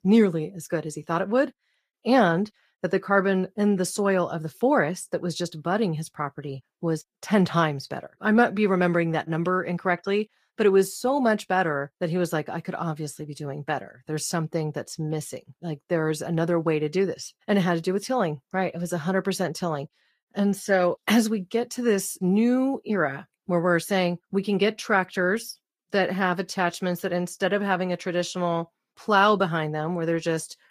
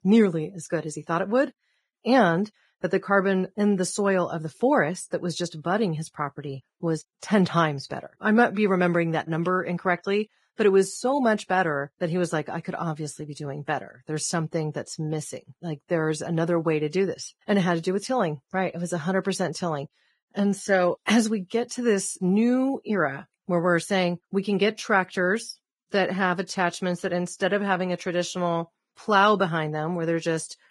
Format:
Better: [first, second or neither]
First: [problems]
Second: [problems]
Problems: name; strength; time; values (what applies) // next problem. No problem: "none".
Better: first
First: garbled, watery; slightly; nothing above 15 kHz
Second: garbled, watery; badly; nothing above 10.5 kHz